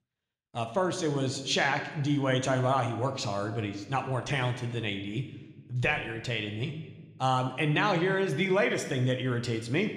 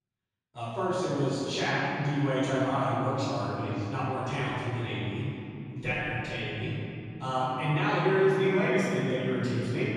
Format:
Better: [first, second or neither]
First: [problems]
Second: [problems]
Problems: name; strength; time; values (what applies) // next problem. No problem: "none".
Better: first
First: room echo; slight; dies away in 0.9 s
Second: room echo; strong; dies away in 3 s // off-mic speech; far